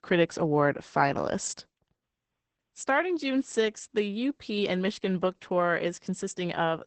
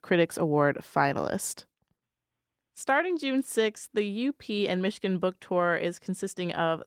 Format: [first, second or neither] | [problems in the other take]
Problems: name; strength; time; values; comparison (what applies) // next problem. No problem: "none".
second | garbled, watery; badly; nothing above 8 kHz; slightly in the second